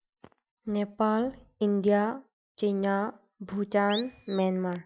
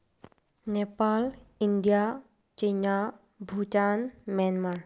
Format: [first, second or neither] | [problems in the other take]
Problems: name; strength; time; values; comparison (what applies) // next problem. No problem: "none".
second | noise reduction (classical method Wiener filter)